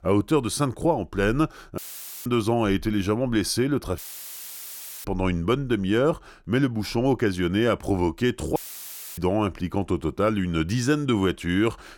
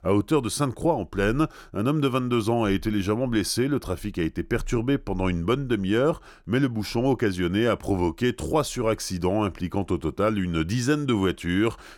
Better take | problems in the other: second | audio cutting out; filled with static; at 2 s, at 4 s for 1 s and at 8.5 s for 0.5 s

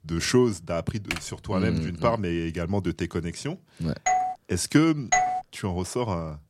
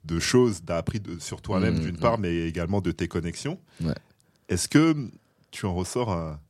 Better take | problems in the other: second | keyboard typing; noticeable; at 1 s; peak 7 dB below the speech // doorbell; loud; at 4 s and at 5 s; peak 4 dB above the speech

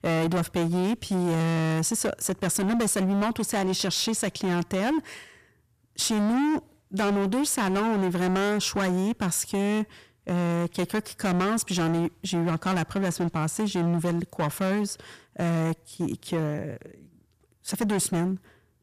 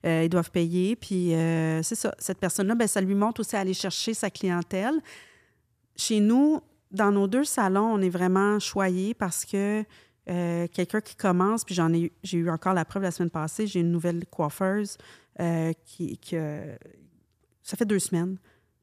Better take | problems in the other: second | distortion; heavy; 24% of the sound clipped

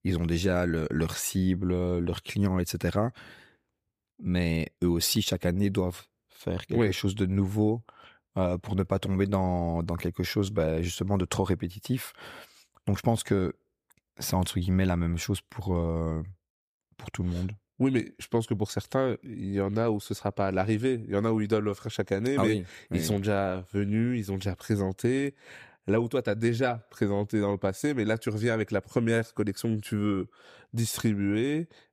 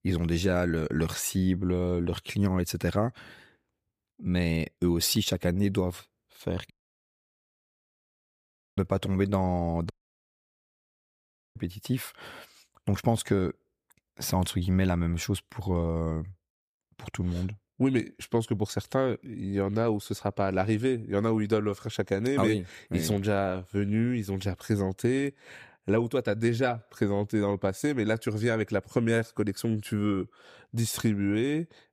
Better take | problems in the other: first | audio cutting out; at 6.5 s for 2 s and at 10 s for 1.5 s

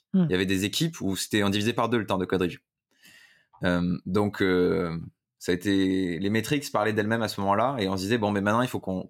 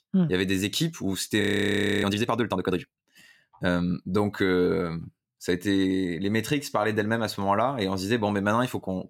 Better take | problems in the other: first | audio freezing; at 1.5 s for 0.5 s

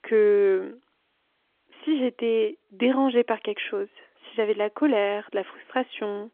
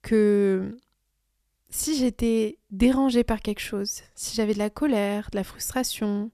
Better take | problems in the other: second | phone-call audio; nothing above 3.5 kHz

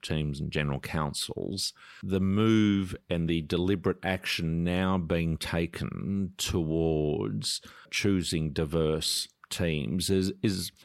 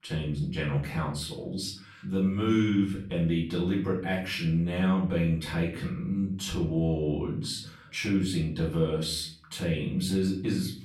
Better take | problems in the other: first | off-mic speech; far // room echo; slight; dies away in 0.5 s

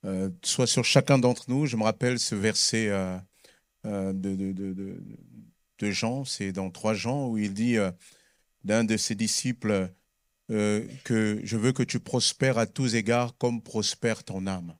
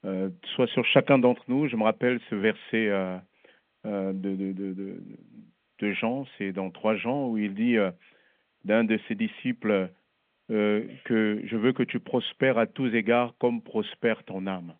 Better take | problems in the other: first | phone-call audio; nothing above 3.5 kHz

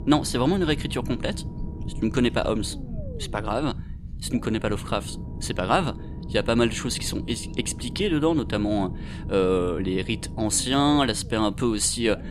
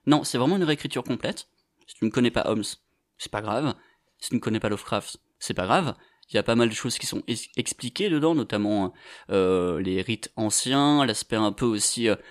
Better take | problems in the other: second | low rumble; noticeable; throughout; 20 dB below the speech

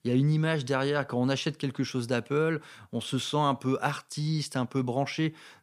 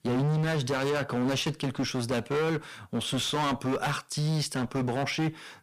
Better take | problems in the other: first | distortion; heavy; 23% of the sound clipped

